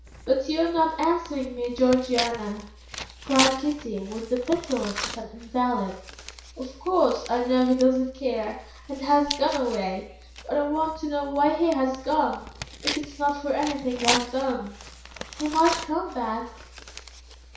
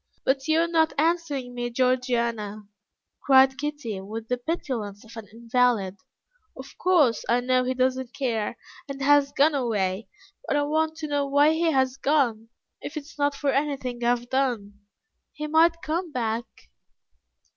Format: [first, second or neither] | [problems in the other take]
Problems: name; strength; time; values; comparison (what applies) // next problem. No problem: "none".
second | background sound (Tearing); 10 dB below the speech // room echo; dies away in 0.6 s